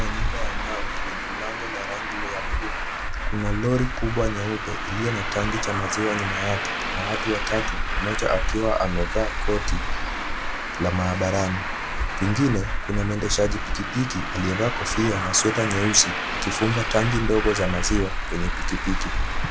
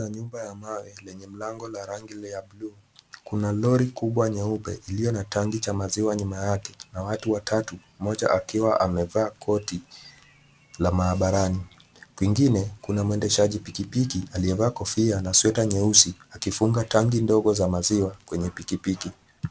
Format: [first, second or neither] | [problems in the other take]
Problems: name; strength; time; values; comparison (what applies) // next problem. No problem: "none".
second | background sound (Traffic noise, roadway noise); as loud as the speech